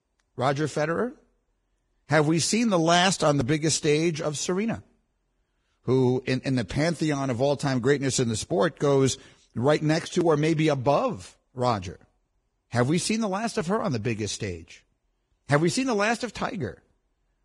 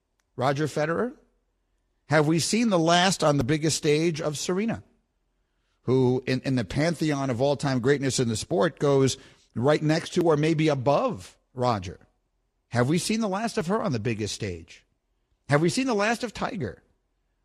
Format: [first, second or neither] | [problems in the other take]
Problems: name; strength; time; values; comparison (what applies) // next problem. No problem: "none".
second | garbled, watery; badly; nothing above 10.5 kHz; slightly in the second